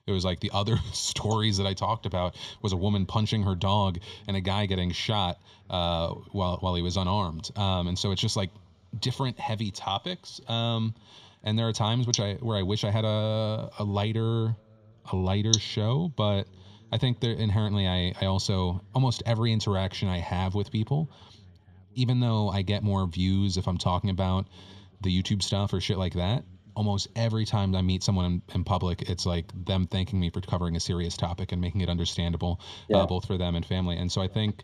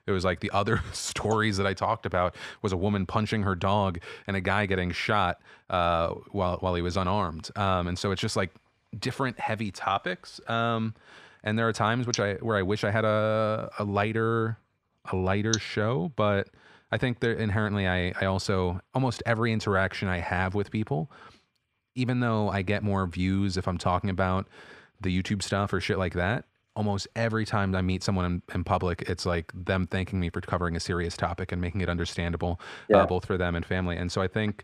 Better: second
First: room echo; slight; dies away in 3 s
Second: none

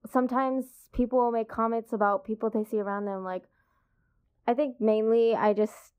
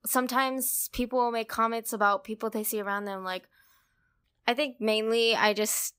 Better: second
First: muffled; very; fading above 2 kHz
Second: none

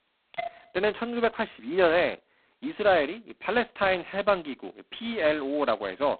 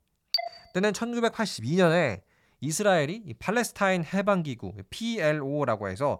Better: second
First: phone-call audio; poor line; nothing above 4 kHz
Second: none

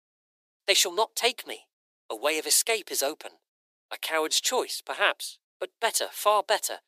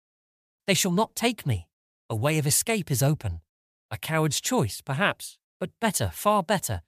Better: second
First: thin; very; fading below 350 Hz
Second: none

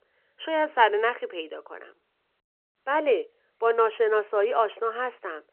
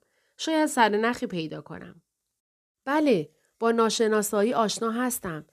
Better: second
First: phone-call audio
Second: none

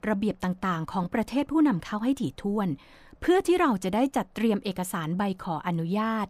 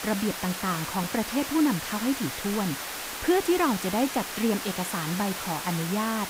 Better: first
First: none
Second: hiss; loud; throughout; 5 dB below the speech

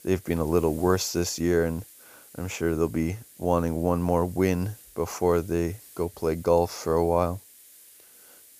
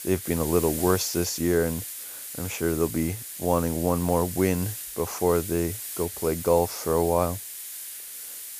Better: first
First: hiss; faint; throughout; 20 dB below the speech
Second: hiss; loud; throughout; 8 dB below the speech

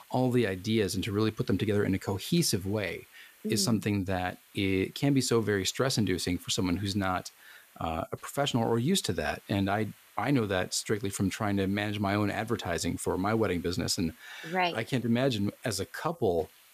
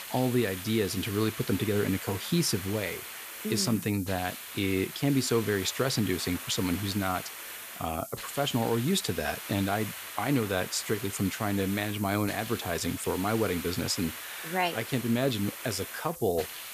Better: first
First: hiss; faint; throughout; 25 dB below the speech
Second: hiss; loud; throughout; 9 dB below the speech

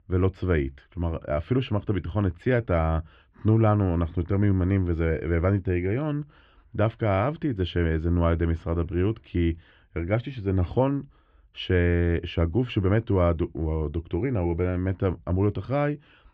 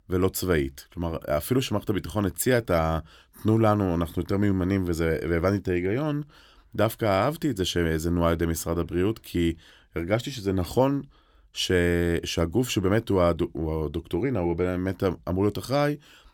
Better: second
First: muffled; very; fading above 2.5 kHz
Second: none

